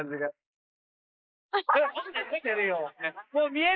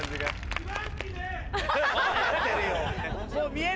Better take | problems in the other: second | noise reduction (neural mask model Resemble Enhance denoiser)

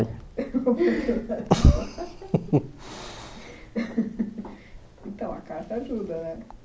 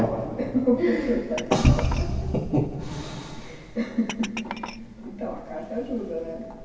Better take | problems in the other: first | background sound (Glass); 16 dB below the speech // room echo; dies away in 2.3 s

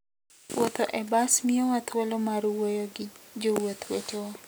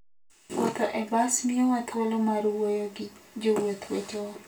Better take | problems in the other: first | room echo; dies away in 0.2 s

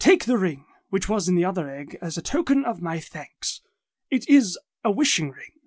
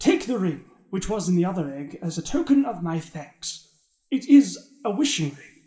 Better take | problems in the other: first | room echo; dies away in 0.6 s

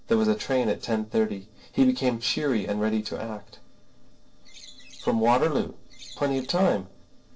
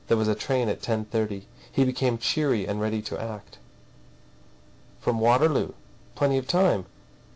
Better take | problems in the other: second | noise reduction (neural separator model SepFormer DNS4)

